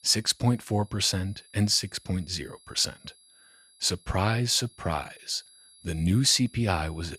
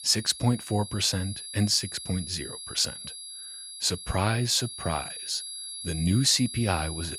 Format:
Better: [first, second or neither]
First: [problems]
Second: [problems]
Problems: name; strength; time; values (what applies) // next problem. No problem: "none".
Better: first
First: high-pitched whine; faint; throughout; 11 kHz, 25 dB below the speech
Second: high-pitched whine; loud; throughout; 11 kHz, 10 dB below the speech